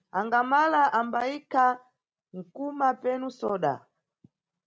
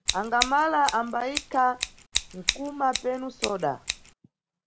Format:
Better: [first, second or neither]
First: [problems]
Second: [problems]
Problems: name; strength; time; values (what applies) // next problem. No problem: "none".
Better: first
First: none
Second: background sound (Scissors); 5 dB below the speech